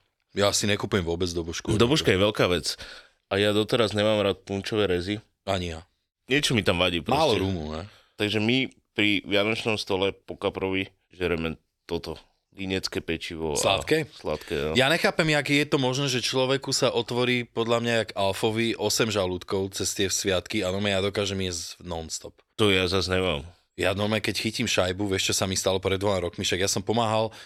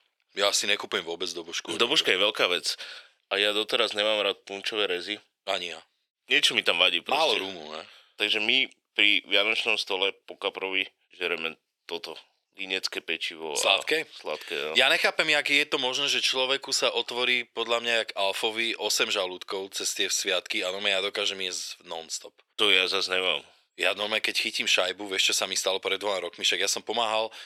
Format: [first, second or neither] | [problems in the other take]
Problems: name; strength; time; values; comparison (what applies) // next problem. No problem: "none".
first | thin; somewhat; fading below 450 Hz